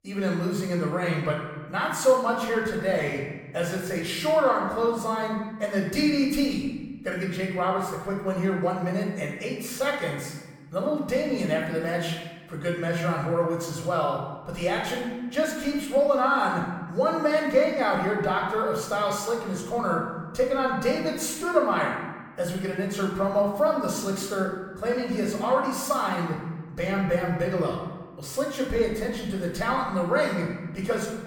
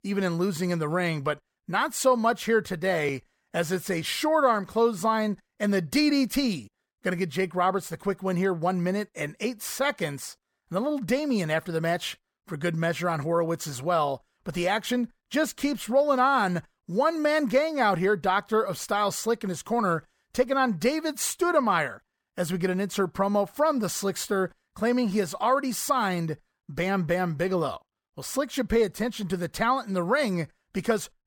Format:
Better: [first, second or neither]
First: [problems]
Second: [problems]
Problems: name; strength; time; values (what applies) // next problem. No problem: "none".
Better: second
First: room echo; noticeable; dies away in 1.1 s // off-mic speech; far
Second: none